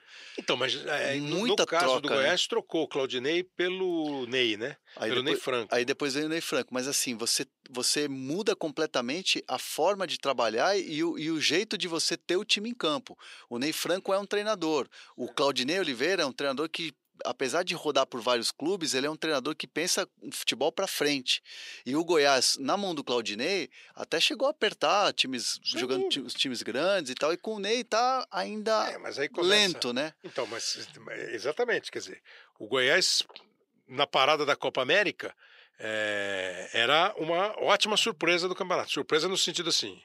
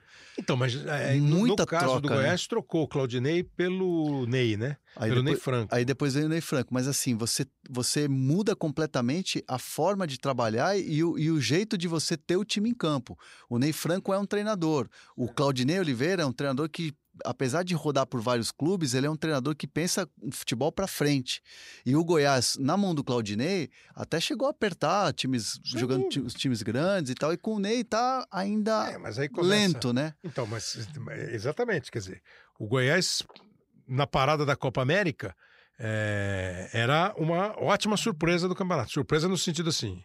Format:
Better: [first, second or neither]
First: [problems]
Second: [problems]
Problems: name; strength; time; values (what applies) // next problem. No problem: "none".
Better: second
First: thin; somewhat; fading below 400 Hz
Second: none